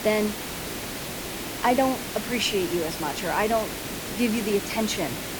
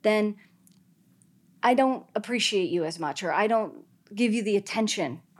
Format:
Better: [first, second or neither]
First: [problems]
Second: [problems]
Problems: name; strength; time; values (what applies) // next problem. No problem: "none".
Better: second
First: hiss; loud; throughout; 5 dB below the speech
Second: none